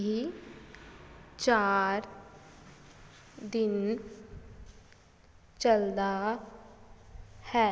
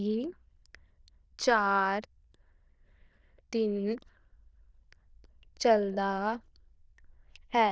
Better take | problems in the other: first | noise reduction (neural diffusion model UNIVERSE++)

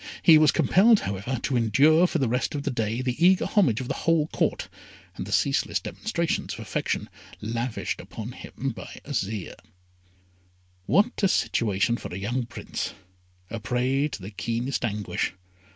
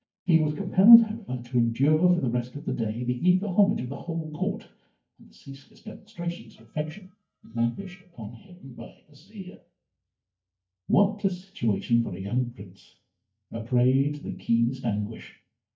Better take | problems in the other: first | noise reduction (neural mask model DeepFilterNet 3)

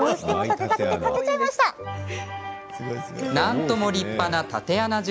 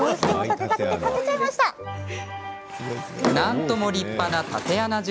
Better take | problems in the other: first | background sound (Drawer open or close); 8 dB below the speech

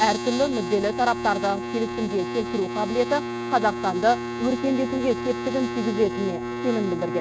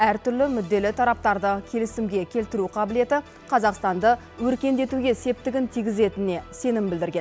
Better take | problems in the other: second | noise reduction (neural mask model RNNoise)

